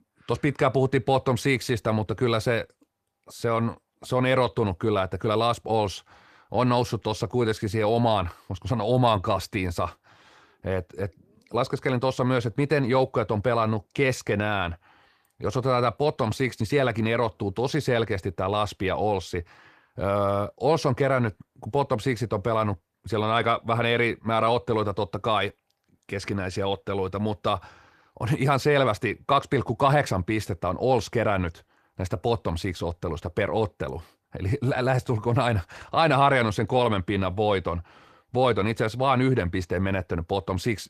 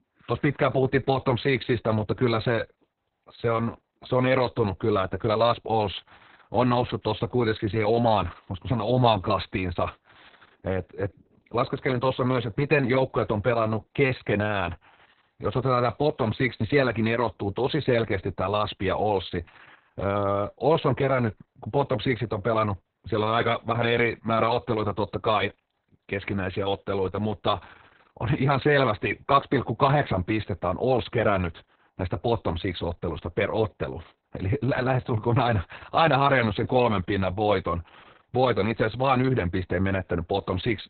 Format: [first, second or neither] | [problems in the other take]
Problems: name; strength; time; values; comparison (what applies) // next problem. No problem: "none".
first | garbled, watery; badly; nothing above 4 kHz; slightly in the first